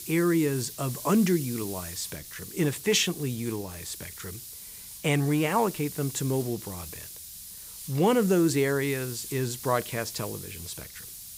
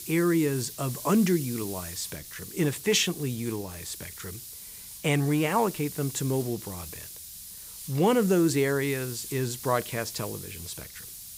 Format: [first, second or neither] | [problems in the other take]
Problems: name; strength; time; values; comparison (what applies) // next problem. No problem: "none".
neither | hiss; noticeable; throughout; 10 dB below the speech; the same in both